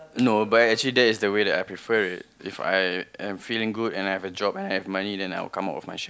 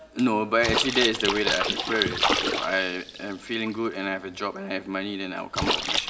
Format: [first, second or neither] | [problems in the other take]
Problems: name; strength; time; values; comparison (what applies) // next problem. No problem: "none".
first | background sound (Splash, splatter); 2 dB below the speech // room echo; dies away in 1.8 s